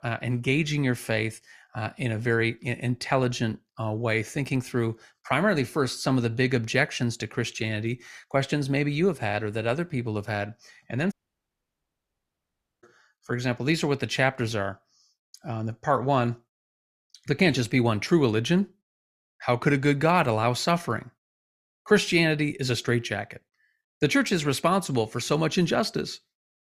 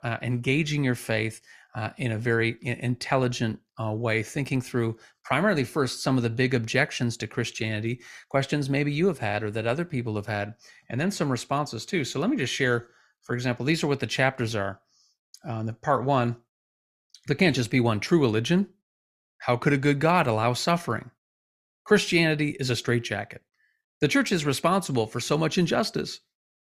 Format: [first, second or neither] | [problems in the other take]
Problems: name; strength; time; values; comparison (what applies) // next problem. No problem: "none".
second | audio cutting out; at 11 s for 1.5 s